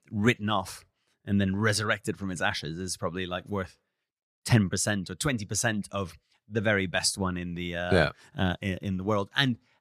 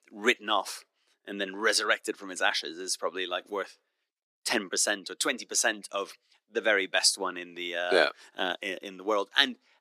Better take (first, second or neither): first